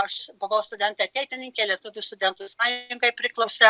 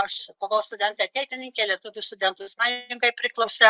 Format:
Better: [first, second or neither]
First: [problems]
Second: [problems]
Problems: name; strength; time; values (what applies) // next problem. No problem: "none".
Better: first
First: none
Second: noise reduction (neural mask model Resemble Enhance denoiser)